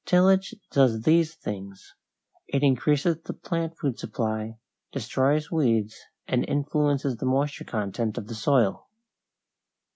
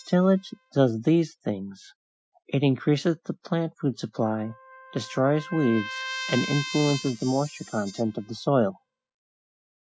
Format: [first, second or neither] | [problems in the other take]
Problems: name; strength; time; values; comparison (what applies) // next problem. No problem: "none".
first | noise reduction (classical method spectral subtraction)